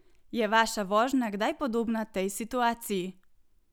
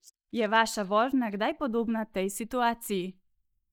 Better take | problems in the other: first | noise reduction (neural mask model DeepFilterNet 3)

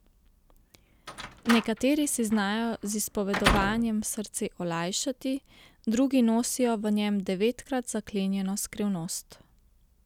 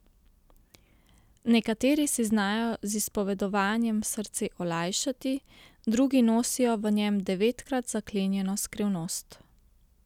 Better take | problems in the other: second | background sound (Slam); 4 dB below the speech

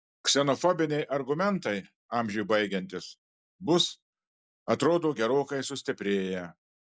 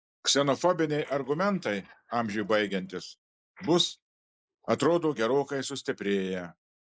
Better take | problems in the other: first | noise reduction (neural mask model Resemble Enhance denoiser)

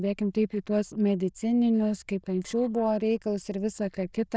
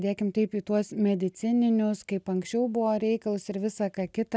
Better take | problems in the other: second | noise reduction (neural diffusion model UNIVERSE++)

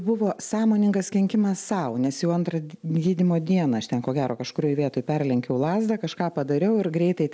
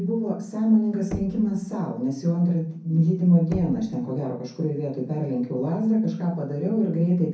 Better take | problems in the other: first | background sound (Knock); 18 dB below the speech // room echo; dies away in 0.6 s

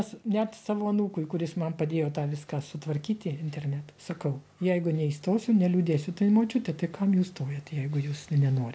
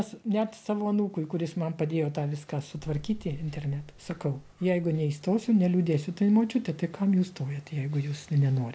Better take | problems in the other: first | background sound (Boom); 19 dB below the speech

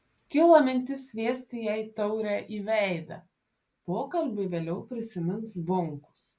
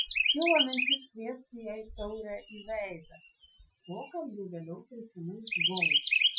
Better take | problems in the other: first | noise reduction (classical method Wiener filter)

